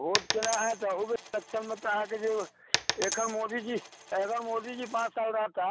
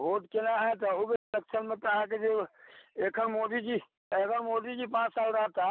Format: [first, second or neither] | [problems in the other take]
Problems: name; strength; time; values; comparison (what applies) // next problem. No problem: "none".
second | background sound (Coin (dropping)); 5 dB below the speech